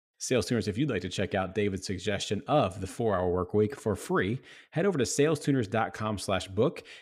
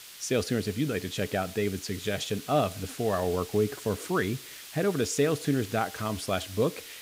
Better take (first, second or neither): first